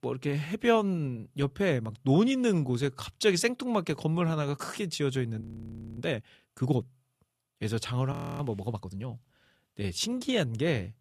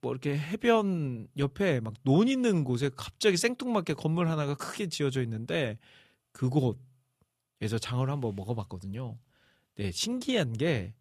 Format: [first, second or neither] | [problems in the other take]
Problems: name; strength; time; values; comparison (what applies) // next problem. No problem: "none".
second | audio freezing; at 5.5 s for 0.5 s and at 8 s